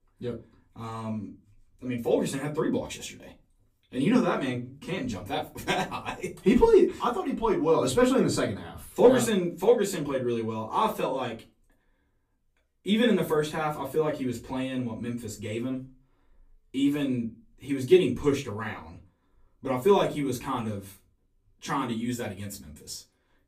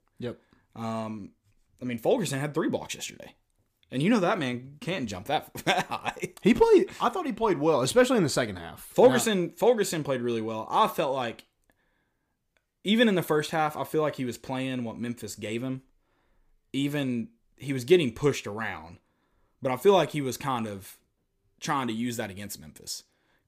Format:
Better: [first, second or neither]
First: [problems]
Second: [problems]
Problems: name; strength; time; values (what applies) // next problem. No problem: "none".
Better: second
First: off-mic speech; far // room echo; very slight; dies away in 0.2 s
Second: none